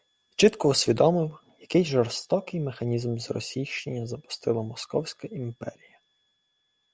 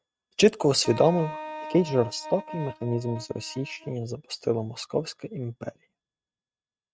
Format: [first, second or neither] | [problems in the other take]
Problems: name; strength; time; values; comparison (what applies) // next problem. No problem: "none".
first | noise reduction (neural mask model RNNoise)